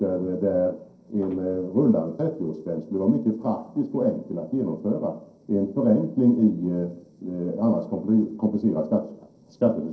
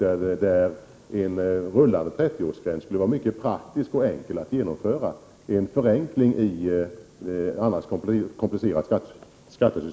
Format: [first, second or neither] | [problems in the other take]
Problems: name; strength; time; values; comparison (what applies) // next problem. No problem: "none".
second | noise reduction (neural separator model SepFormer DNS4)